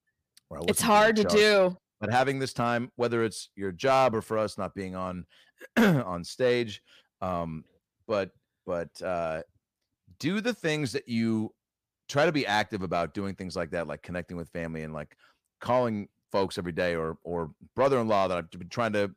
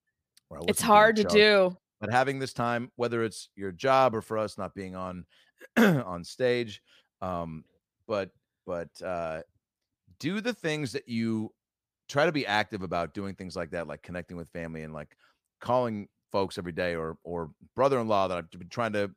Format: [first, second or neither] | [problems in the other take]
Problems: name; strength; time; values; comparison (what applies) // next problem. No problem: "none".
second | distortion; slight; 10 dB below the speech